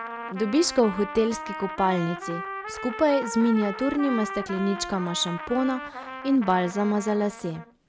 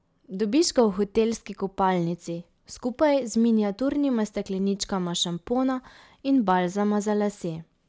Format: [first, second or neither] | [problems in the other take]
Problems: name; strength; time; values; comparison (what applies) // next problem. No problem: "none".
second | background sound (Trumpet); 10 dB below the speech